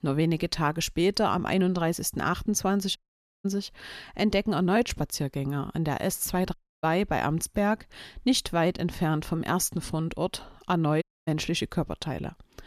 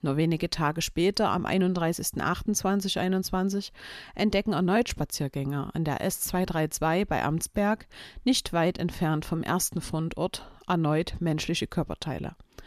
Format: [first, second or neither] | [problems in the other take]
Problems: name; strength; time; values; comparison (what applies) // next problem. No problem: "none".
second | audio cutting out; at 3 s, at 6.5 s and at 11 s